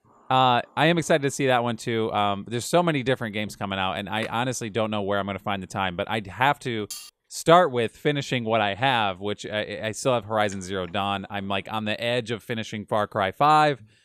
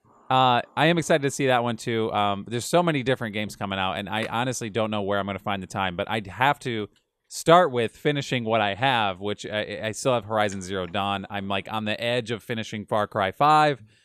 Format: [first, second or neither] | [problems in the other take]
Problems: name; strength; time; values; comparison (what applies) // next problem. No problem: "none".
second | clattering dishes; faint; at 7 s; peak 15 dB below the speech